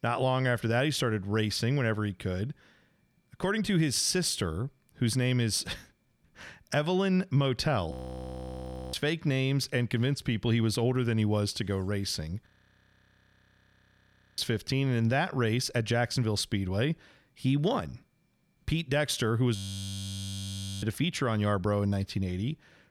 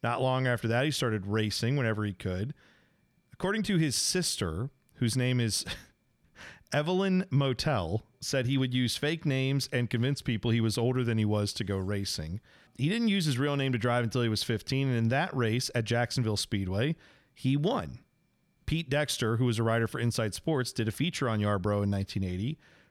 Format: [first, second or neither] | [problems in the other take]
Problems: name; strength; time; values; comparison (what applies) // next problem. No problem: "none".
second | audio freezing; at 8 s for 1 s, at 12 s for 2 s and at 20 s for 1.5 s